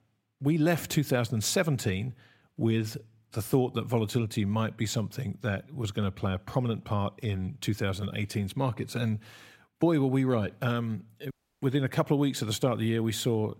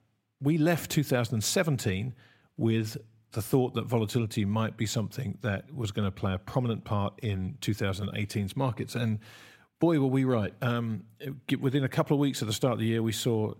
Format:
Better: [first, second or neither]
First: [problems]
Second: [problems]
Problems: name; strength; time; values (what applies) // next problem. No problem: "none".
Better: second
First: audio cutting out; at 11 s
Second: none